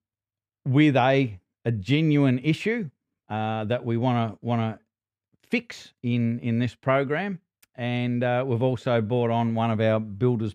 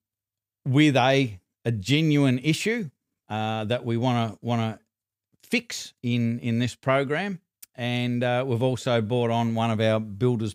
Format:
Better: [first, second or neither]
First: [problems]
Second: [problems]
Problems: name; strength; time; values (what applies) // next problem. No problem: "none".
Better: second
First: muffled; slightly; fading above 4 kHz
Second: none